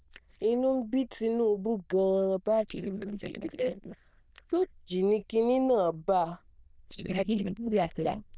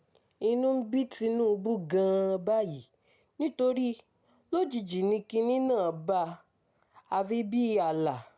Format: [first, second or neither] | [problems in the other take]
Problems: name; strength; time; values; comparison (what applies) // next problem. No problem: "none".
second | noise reduction (neural diffusion model UNIVERSE++)